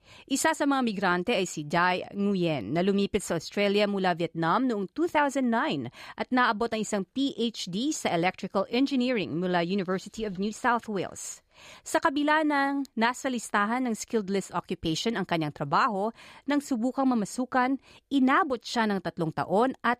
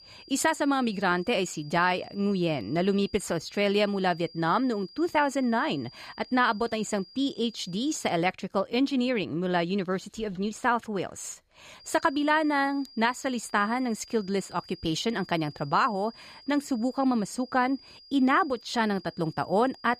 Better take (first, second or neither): first